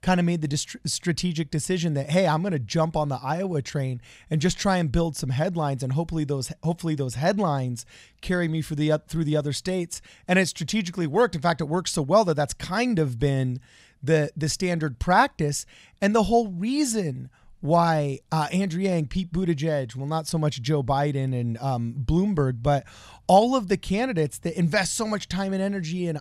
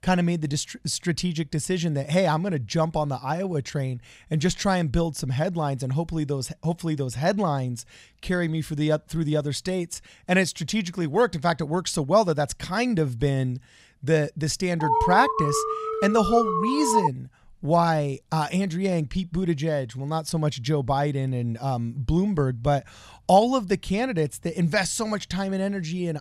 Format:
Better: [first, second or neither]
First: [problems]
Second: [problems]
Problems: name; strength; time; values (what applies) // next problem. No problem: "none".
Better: first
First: none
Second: alarm; loud; from 15 to 17 s; peak 2 dB above the speech